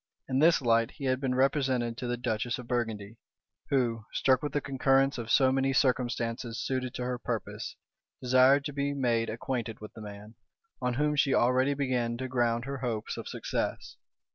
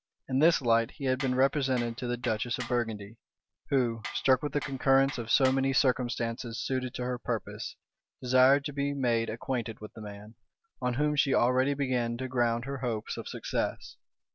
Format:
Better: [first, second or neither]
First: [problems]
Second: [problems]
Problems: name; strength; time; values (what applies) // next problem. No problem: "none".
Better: first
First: none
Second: background sound (Tools); 15 dB below the speech